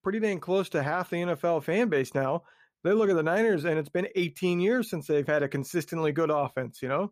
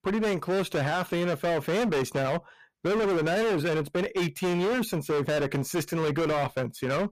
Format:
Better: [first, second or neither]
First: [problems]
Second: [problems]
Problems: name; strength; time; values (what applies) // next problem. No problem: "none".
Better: first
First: none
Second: distortion; heavy; 33% of the sound clipped